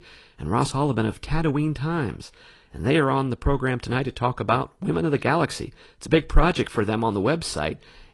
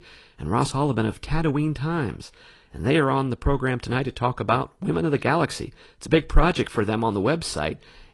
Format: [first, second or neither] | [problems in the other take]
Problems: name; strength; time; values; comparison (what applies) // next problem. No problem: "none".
neither | garbled, watery; slightly; nothing above 10.5 kHz; the same in both